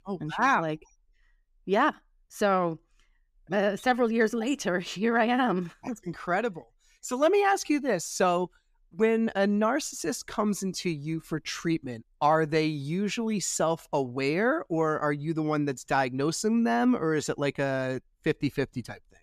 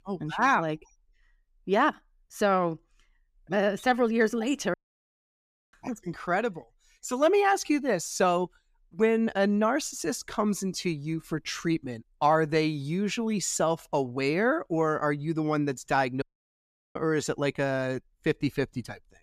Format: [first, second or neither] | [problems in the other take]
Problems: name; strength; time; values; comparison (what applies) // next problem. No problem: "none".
first | audio cutting out; at 4.5 s for 1 s and at 16 s for 0.5 s